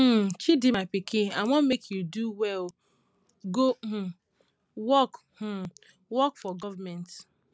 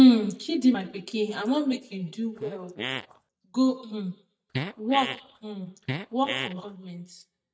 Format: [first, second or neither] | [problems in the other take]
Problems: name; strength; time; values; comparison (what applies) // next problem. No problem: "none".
first | noise reduction (neural mask model DeepFilterNet 3)